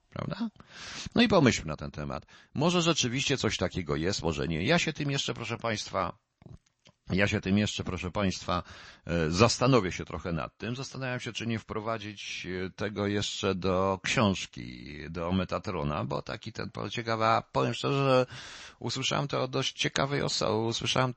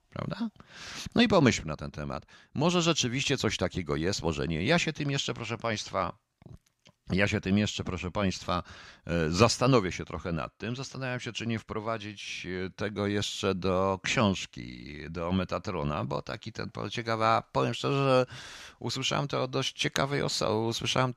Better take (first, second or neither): second